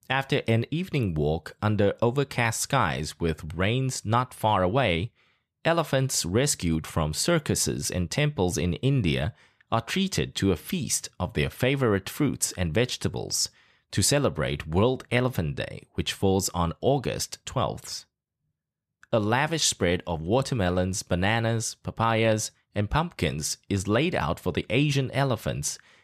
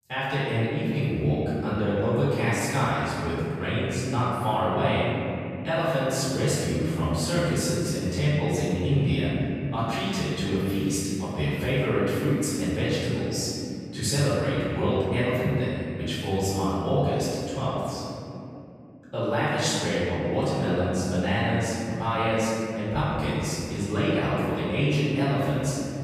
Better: first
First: none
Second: off-mic speech; far // room echo; strong; dies away in 2.9 s

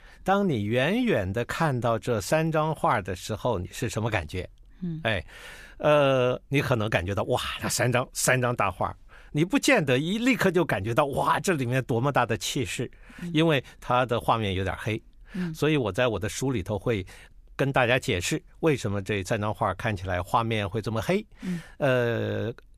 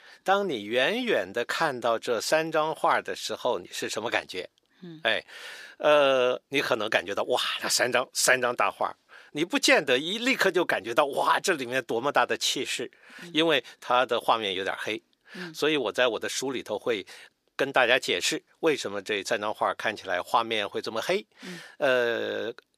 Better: first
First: none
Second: thin; somewhat; fading below 400 Hz

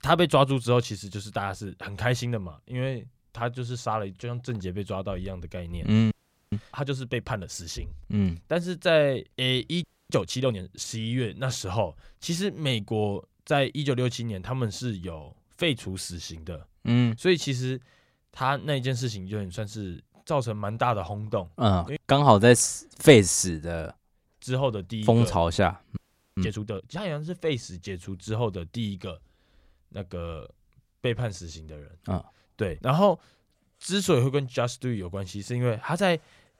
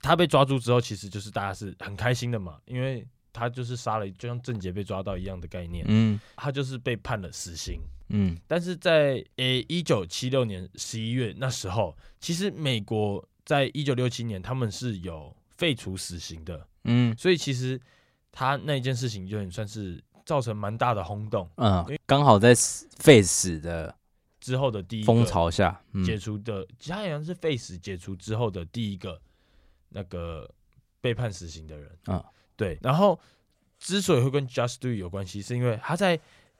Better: second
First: audio freezing; at 6 s, at 10 s and at 26 s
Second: none

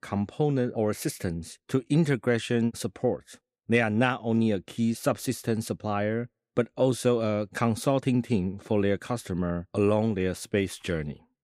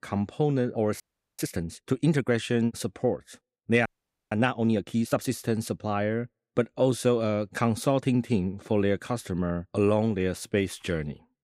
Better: first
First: none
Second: audio freezing; at 1 s and at 4 s

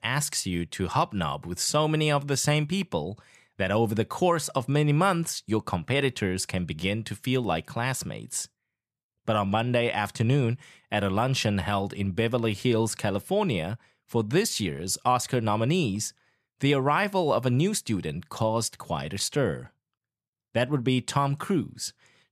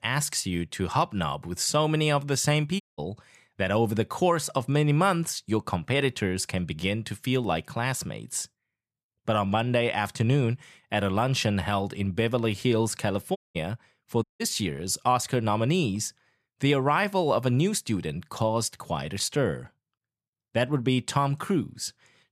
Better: first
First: none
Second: audio cutting out; at 3 s, at 13 s and at 14 s

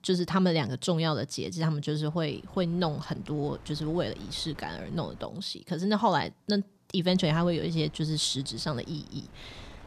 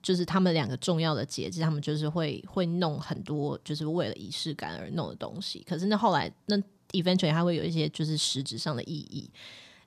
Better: second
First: wind noise on the microphone; occasional gusts; from 2.5 to 5 s and from 7 s on; 25 dB below the speech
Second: none

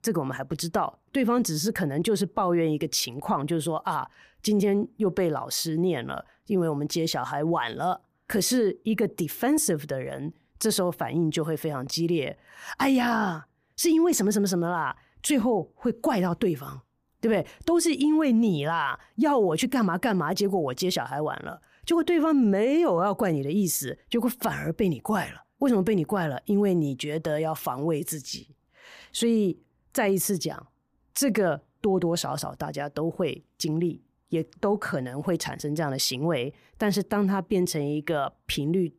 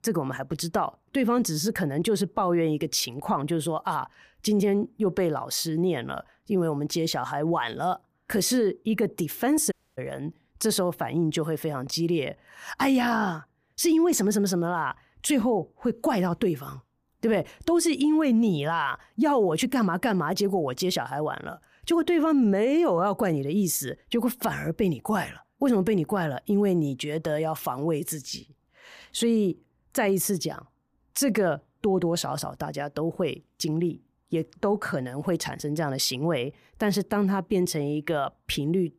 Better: first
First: none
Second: audio cutting out; at 9.5 s

